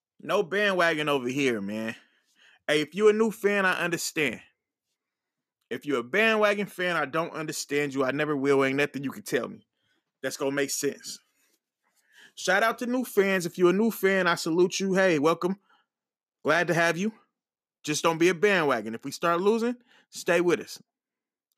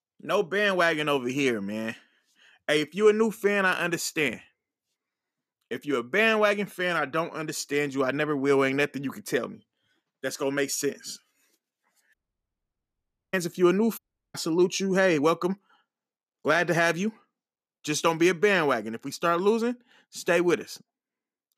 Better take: first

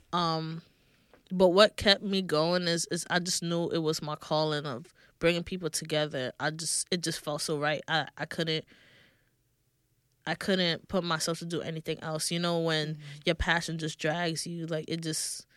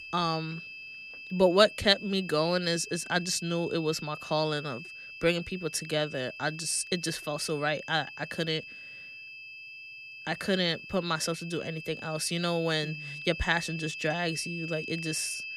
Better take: first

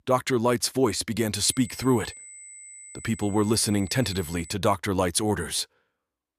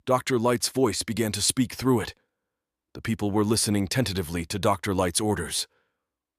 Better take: second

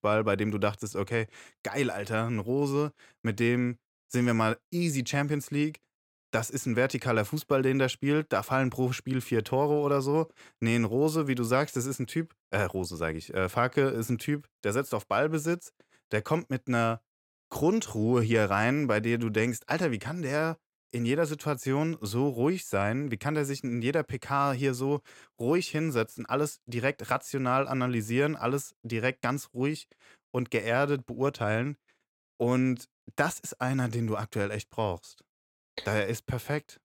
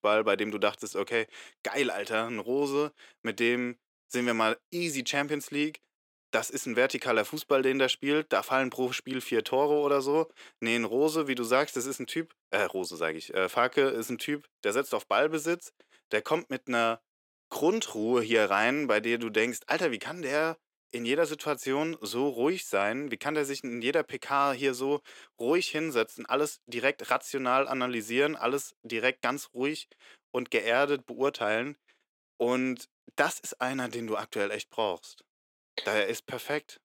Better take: first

